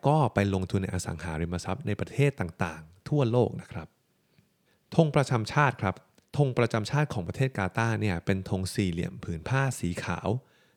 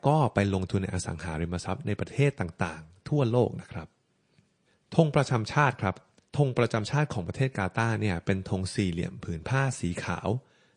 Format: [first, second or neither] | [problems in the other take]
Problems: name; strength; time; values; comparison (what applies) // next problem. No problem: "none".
first | garbled, watery; slightly; nothing above 9 kHz